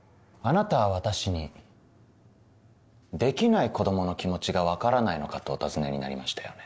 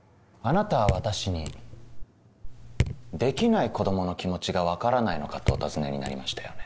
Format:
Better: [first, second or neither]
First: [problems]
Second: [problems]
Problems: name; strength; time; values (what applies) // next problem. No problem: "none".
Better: first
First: none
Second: background sound (Raindrop / Drip); 4 dB below the speech